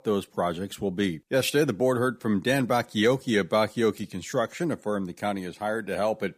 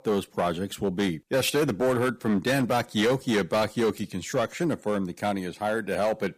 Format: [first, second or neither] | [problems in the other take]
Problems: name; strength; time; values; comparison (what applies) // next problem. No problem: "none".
first | distortion; slight; 9% of the sound clipped